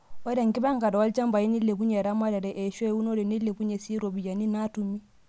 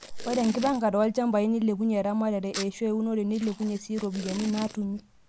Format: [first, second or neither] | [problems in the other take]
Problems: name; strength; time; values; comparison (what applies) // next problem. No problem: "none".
first | background sound (Packing tape, duct tape); 16 dB below the speech